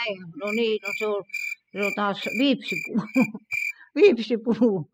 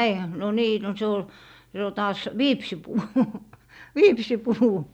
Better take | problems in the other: second | noise reduction (classical method spectral subtraction)

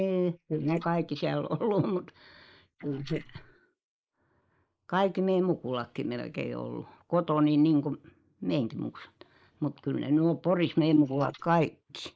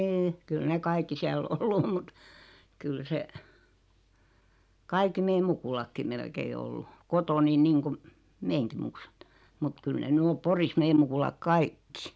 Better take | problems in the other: second | noise reduction (neural mask model Resemble Enhance denoiser)

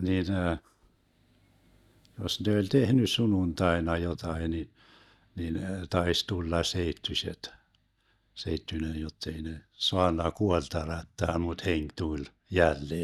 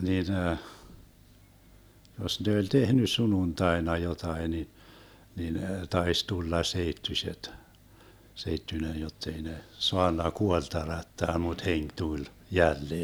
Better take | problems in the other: second | noise reduction (neural mask model DeepFilterNet 3)

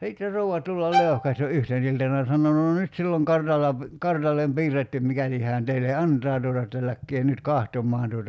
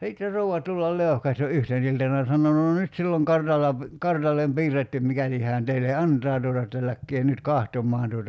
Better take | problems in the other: second | background sound (Bowed string instrument); 4 dB below the speech

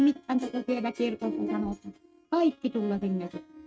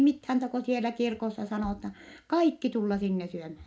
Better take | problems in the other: second | noise reduction (neural mask model RNNoise)

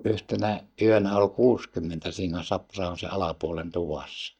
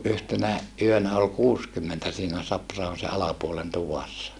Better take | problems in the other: second | noise reduction (neural mask model DeepFilterNet 3)

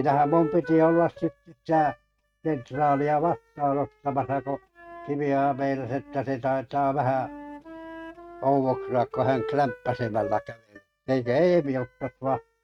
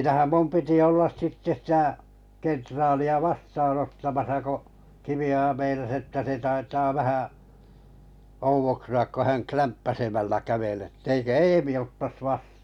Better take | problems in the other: second | noise reduction (neural mask model RNNoise)

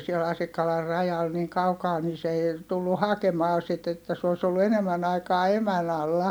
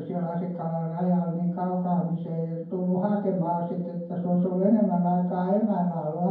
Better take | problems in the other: first | room echo; dies away in 0.9 s

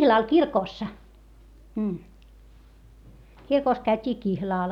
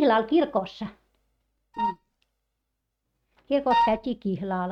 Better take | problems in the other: first | noise reduction (neural mask model RNNoise)

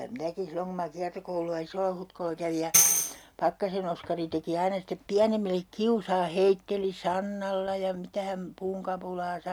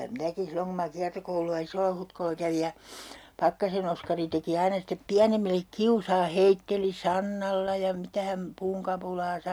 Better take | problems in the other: second | background sound (Tambourine); 2 dB above the speech

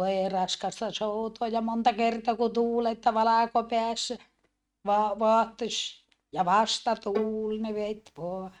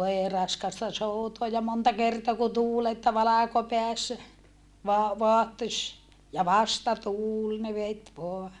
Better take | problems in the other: second | noise reduction (neural mask model RNNoise)

